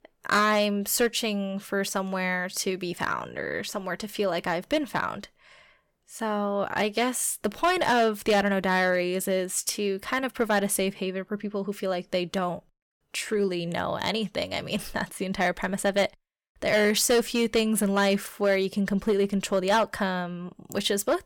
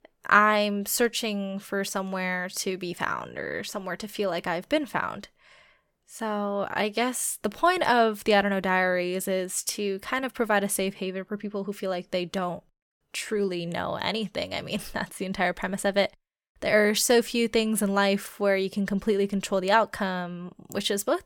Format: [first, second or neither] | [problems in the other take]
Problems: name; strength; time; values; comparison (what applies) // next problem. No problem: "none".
second | distortion; slight; 3% of the sound clipped